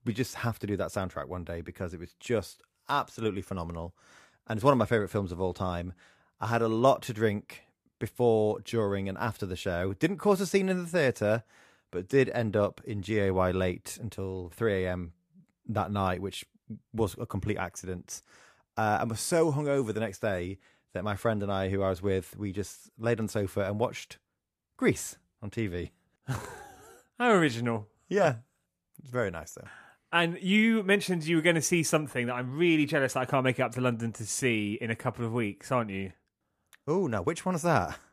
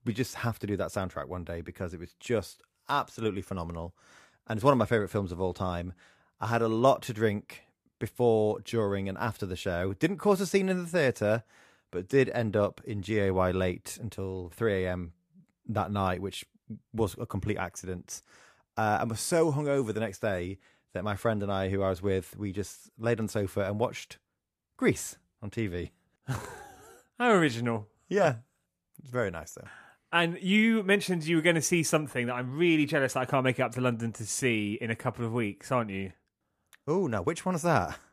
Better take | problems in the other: neither | none

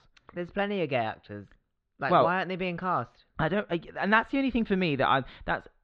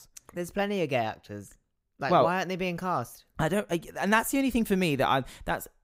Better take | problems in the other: second | muffled; slightly; fading above 4 kHz

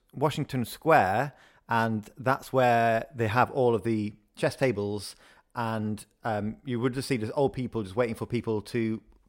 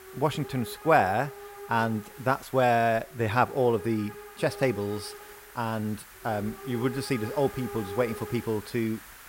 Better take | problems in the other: first | hiss; noticeable; throughout; 15 dB below the speech

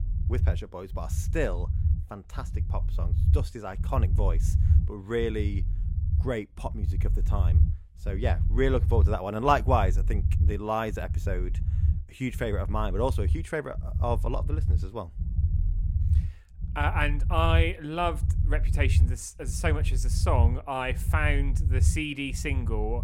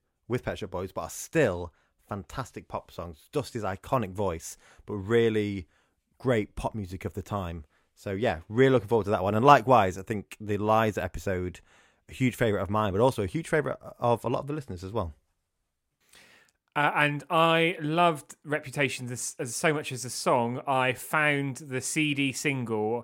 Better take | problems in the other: second | low rumble; noticeable; throughout; 15 dB below the speech

